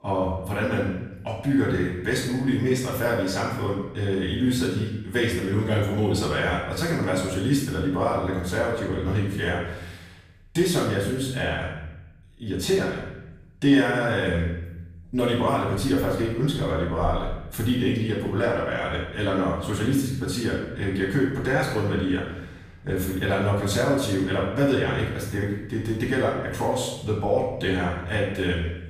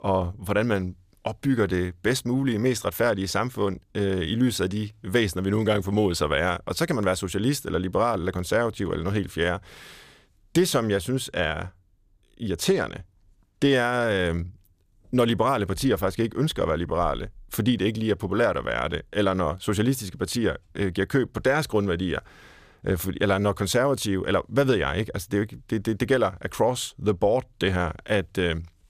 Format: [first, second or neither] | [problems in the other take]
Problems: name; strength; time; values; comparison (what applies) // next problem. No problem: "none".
second | off-mic speech; far // room echo; noticeable; dies away in 0.9 s